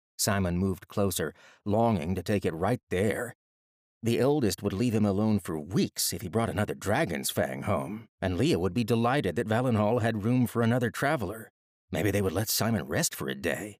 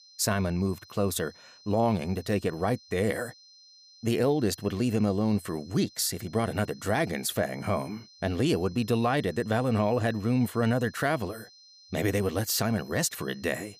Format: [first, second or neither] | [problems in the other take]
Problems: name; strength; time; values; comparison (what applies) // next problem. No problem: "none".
first | high-pitched whine; faint; throughout; 4 kHz, 25 dB below the speech